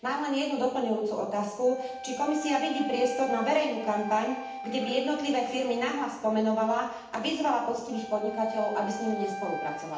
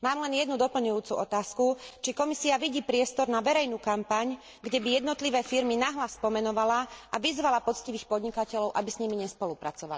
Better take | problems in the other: second | background sound (Wind instrument, woodwind instrument); 12 dB below the speech // room echo; dies away in 0.8 s

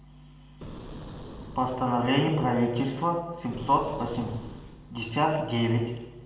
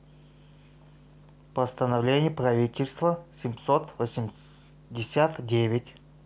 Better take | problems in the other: second | background sound (Boom); 16 dB below the speech // room echo; dies away in 1.1 s

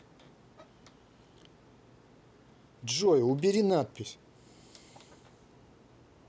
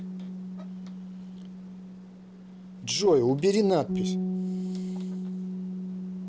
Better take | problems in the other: first | noise reduction (neural separator model SepFormer DNS4)

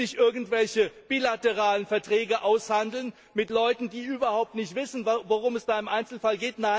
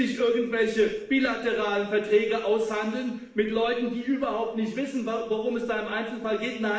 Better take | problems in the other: first | room echo; dies away in 0.8 s

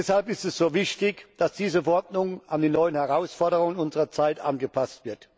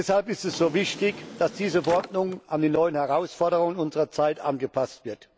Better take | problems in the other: first | background sound (Drawer open or close); 16 dB below the speech

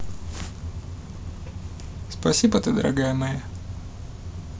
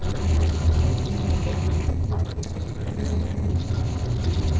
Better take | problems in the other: first | noise reduction (neural separator model SepFormer DNS4)

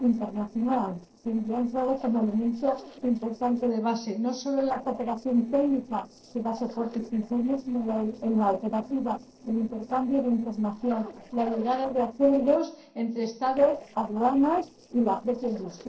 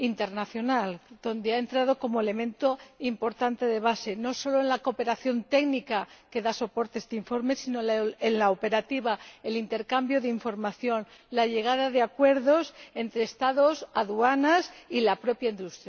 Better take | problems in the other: second | noise reduction (neural separator model SepFormer DNS4)

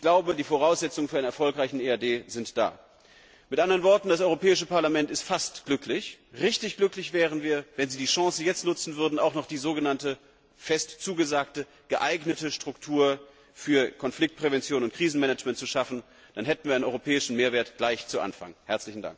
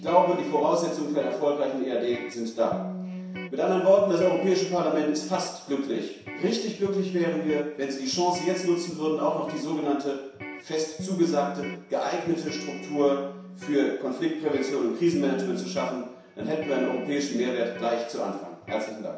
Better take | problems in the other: first | background sound (Electric guitar); 13 dB below the speech // room echo; dies away in 0.7 s

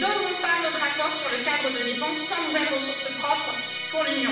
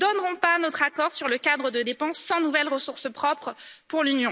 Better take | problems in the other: second | background sound (Musical instrument); 4 dB below the speech // room echo; dies away in 0.7 s

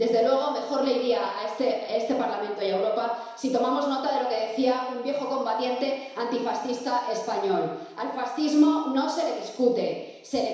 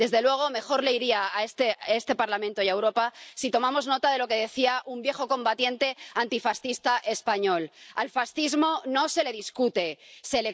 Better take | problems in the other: second | room echo; dies away in 1 s

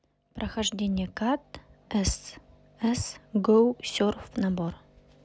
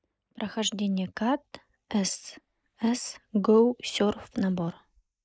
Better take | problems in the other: first | noise reduction (neural mask model Resemble Enhance denoiser)

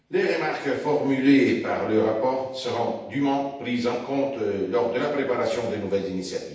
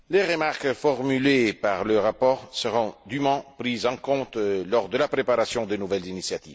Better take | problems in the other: second | room echo; dies away in 0.9 s

